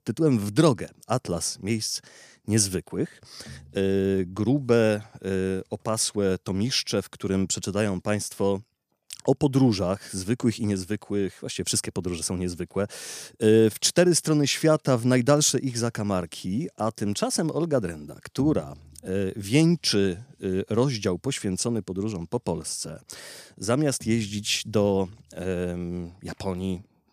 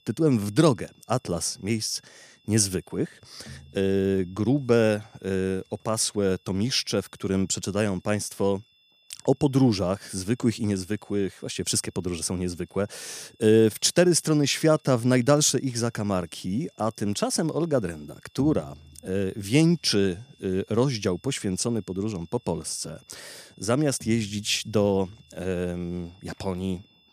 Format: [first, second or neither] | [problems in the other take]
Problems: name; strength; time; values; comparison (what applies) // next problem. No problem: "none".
first | high-pitched whine; faint; throughout; 3.5 kHz, 35 dB below the speech